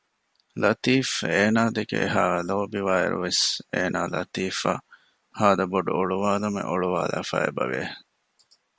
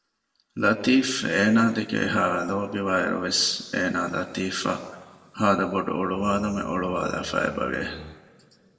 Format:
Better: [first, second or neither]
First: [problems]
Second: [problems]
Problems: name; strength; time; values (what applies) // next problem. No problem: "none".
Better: first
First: none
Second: noise reduction (neural separator model SepFormer DNS4)